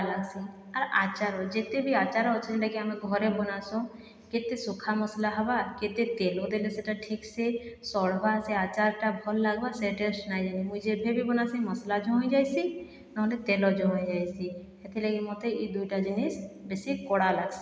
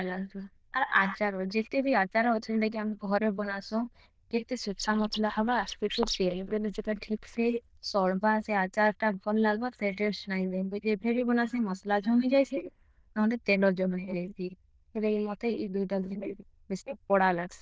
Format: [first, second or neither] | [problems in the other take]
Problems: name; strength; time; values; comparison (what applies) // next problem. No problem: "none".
first | noise reduction (neural diffusion model UNIVERSE++)